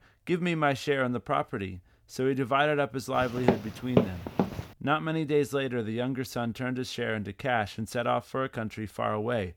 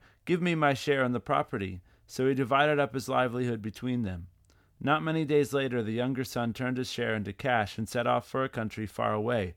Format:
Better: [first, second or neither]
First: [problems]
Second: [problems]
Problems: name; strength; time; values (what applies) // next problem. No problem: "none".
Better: second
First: footsteps; loud; from 3 to 4.5 s; peak 2 dB above the speech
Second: none